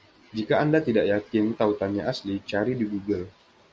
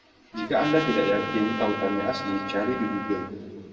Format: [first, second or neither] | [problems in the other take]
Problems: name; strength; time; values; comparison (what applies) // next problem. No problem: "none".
first | background sound (Trumpet); 7 dB below the speech // room echo; dies away in 2.1 s